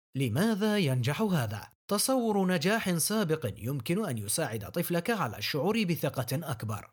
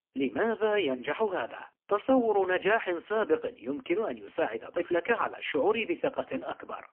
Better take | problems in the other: first | phone-call audio; poor line; nothing above 3 kHz

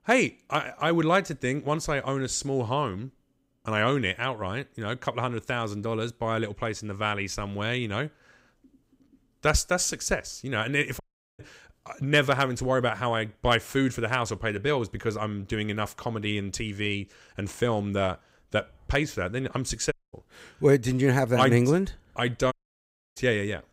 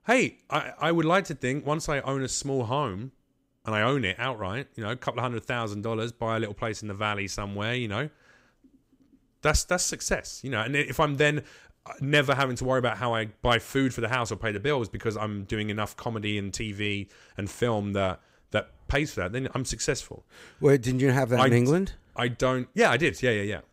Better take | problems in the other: second | audio cutting out; at 11 s, at 20 s and at 23 s for 0.5 s

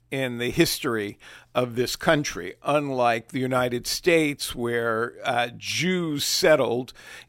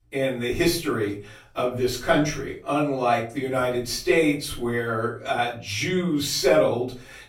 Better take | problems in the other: first | room echo; slight; dies away in 0.3 s // off-mic speech; far

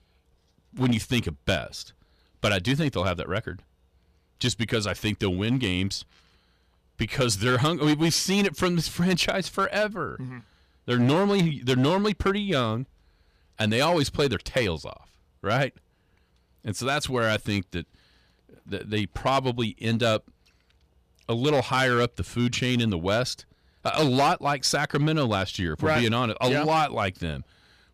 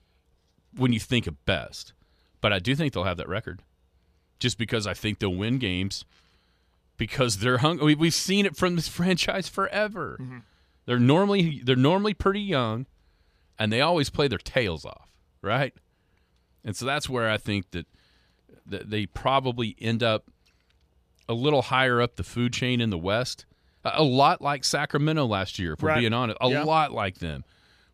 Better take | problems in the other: second | distortion; slight; 5% of the sound clipped

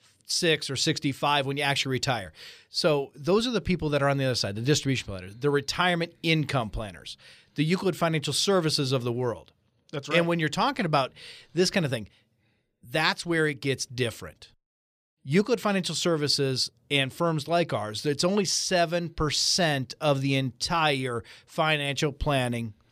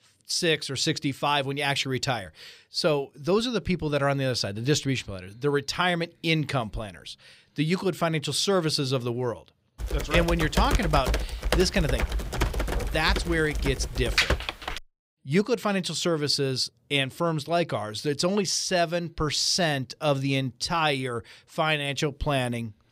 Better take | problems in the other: first | keyboard typing; loud; from 10 to 15 s; peak 3 dB above the speech

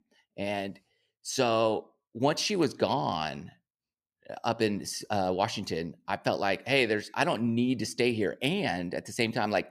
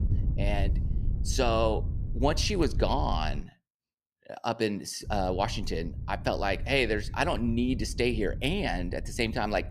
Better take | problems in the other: first | wind noise on the microphone; occasional gusts; until 3.5 s and from 5 s on; 20 dB below the speech

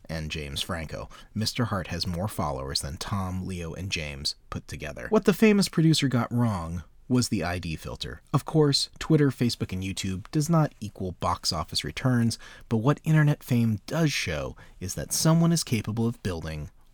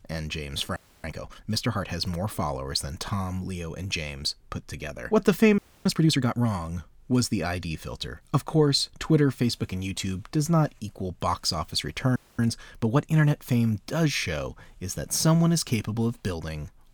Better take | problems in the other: first | audio freezing; at 1 s, at 5.5 s and at 12 s

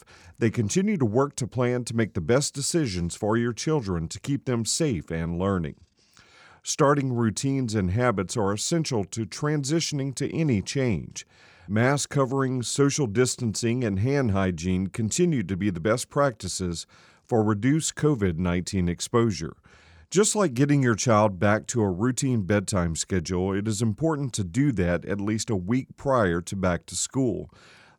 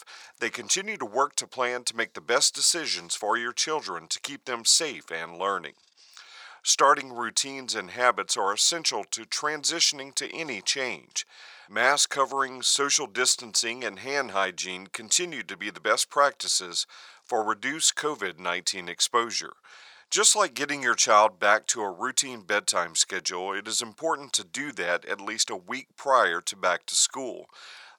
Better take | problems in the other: first | thin; very; fading below 900 Hz

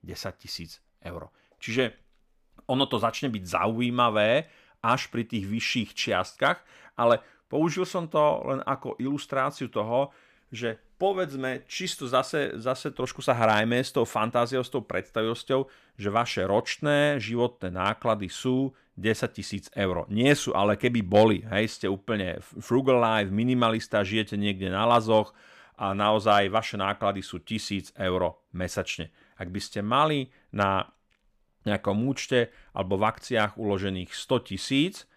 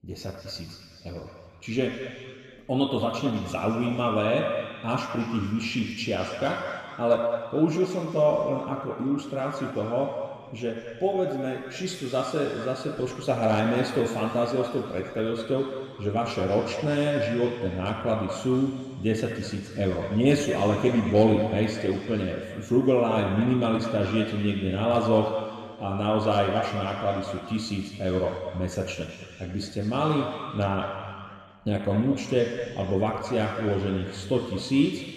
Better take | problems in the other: first | room echo; noticeable; dies away in 2.1 s // off-mic speech; somewhat distant

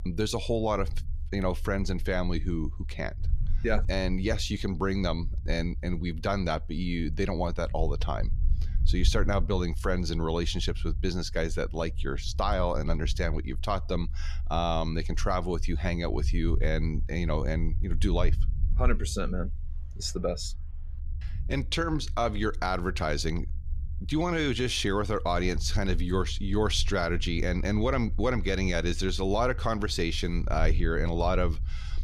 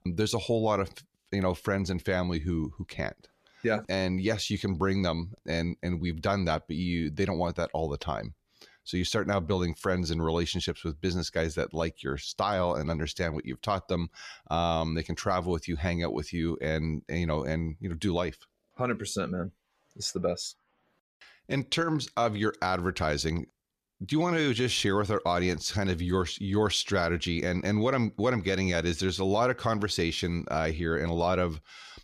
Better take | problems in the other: second | low rumble; faint; throughout; 25 dB below the speech

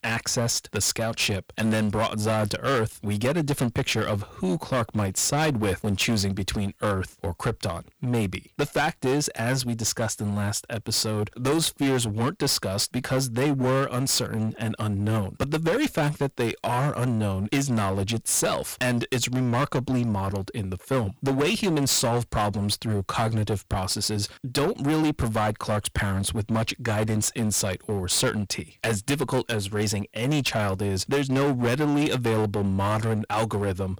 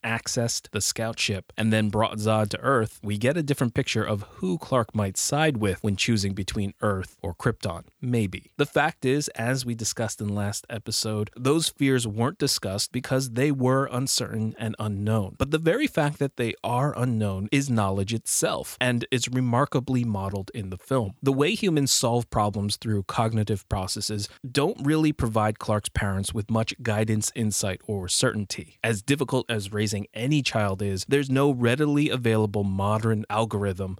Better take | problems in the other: second | distortion; heavy; 15% of the sound clipped

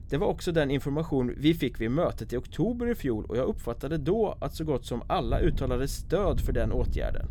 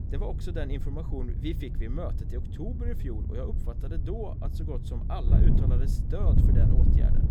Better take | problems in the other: first | wind noise on the microphone; heavy; 2 dB below the speech; occasional gusts in the first

